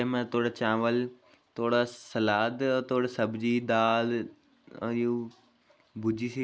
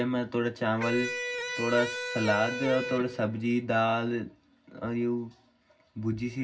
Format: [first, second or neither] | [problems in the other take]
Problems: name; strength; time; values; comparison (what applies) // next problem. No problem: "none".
first | background sound (Electric guitar); 5 dB below the speech // room echo; dies away in 0.4 s